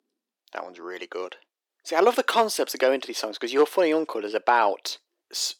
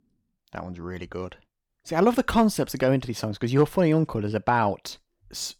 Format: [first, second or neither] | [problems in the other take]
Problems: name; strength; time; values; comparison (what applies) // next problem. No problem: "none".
second | thin; very; fading below 350 Hz